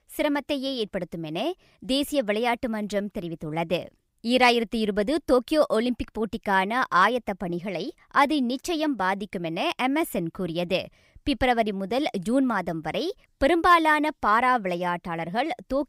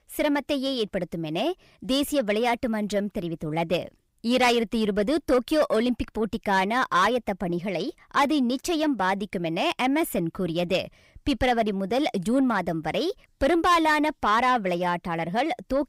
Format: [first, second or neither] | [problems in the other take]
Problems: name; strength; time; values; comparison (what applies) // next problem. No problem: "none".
first | distortion; slight; 10 dB below the speech